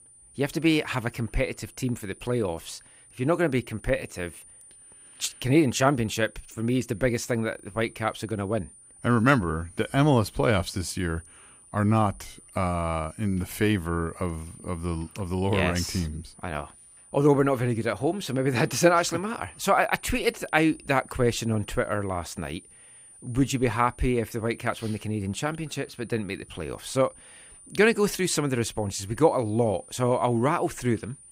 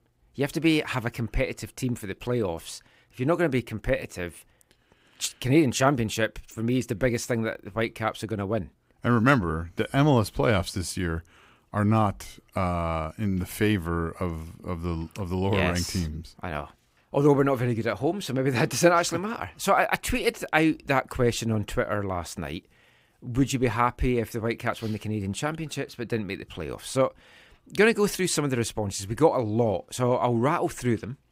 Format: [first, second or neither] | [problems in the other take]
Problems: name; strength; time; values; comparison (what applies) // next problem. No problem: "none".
second | high-pitched whine; faint; throughout; 9.5 kHz, 20 dB below the speech